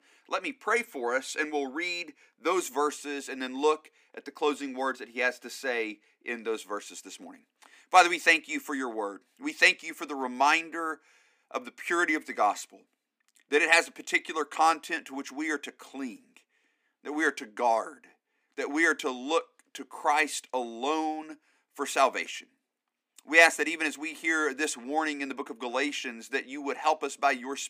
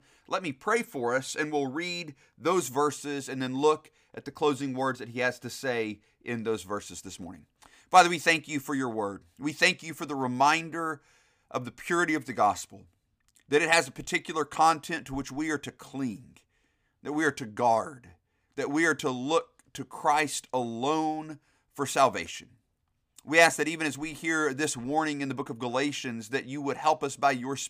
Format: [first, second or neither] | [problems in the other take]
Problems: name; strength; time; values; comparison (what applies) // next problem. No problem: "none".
second | thin; very slightly; fading below 250 Hz